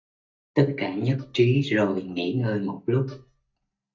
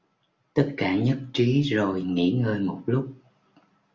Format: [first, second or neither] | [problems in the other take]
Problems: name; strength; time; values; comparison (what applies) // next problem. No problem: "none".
second | noise reduction (neural mask model DeepFilterNet 3)